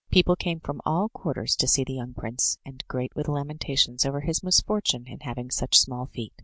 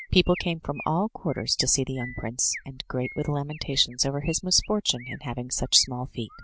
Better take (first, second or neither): first